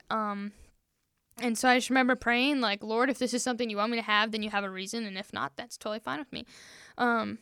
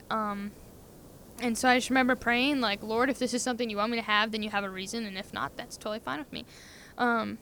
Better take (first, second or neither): first